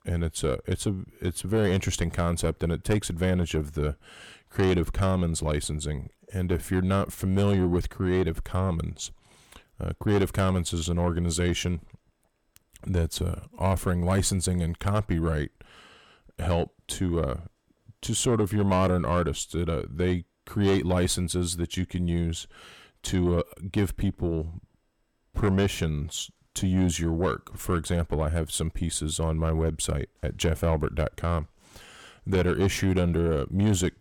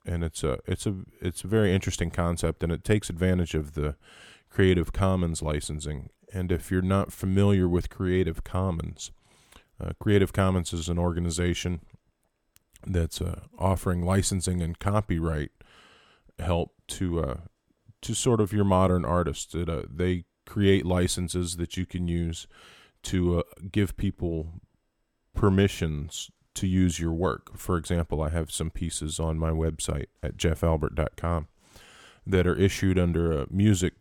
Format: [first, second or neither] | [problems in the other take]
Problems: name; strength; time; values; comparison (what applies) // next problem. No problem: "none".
second | distortion; slight; 10 dB below the speech